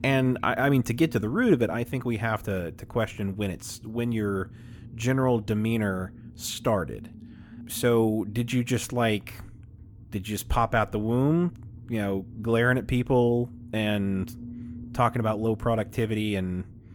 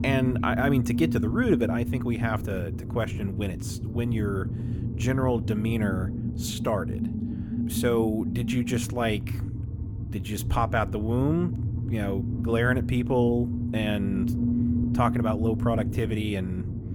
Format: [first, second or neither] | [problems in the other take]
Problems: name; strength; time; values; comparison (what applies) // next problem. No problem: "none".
first | low rumble; loud; throughout; 8 dB below the speech; faint in the first